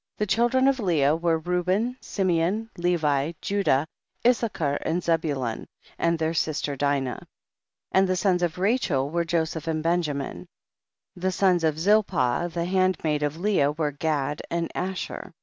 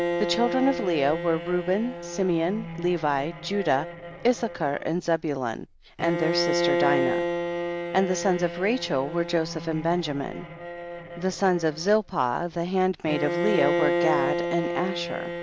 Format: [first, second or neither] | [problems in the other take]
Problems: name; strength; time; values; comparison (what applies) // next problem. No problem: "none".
first | background sound (Bowed string instrument); 4 dB below the speech